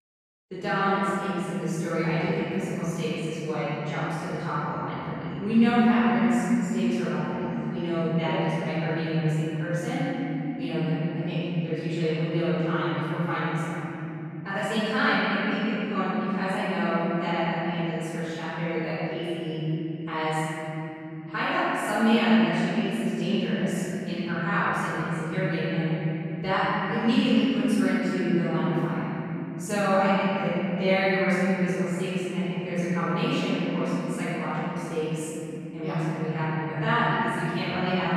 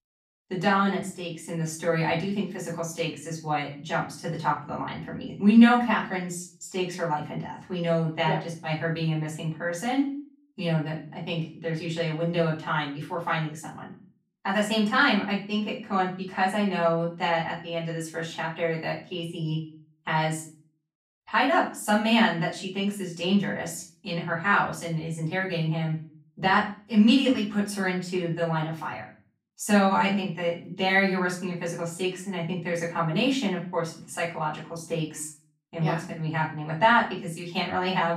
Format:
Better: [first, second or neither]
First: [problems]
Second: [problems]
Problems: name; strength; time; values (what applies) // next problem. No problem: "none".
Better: second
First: room echo; strong; dies away in 3 s // off-mic speech; far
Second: room echo; slight; dies away in 0.4 s // off-mic speech; far